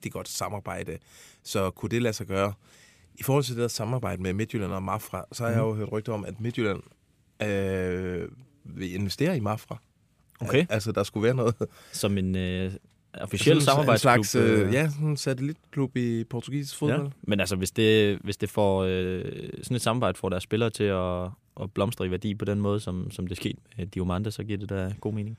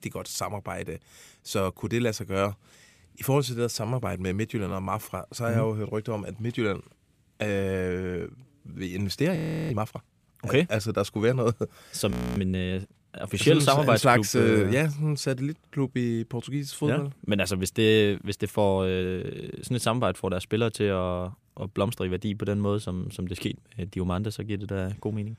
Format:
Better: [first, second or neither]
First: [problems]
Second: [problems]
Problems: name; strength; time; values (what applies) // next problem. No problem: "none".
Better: first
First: none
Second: audio freezing; at 9.5 s and at 12 s